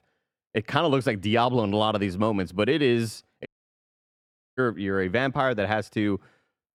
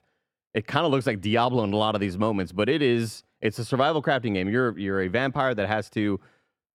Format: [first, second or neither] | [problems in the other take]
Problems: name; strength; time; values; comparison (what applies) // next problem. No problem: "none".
second | audio cutting out; at 3.5 s for 1 s